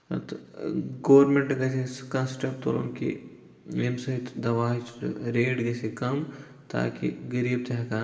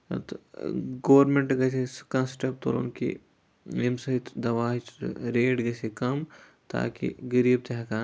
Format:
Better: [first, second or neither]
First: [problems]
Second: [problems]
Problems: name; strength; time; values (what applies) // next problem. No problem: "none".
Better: second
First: room echo; dies away in 1.7 s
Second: none